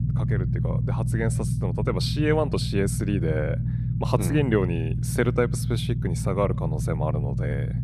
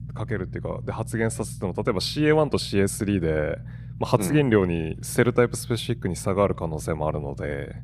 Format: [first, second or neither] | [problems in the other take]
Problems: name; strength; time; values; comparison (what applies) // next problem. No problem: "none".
second | low rumble; loud; throughout; 9 dB below the speech; faint in the second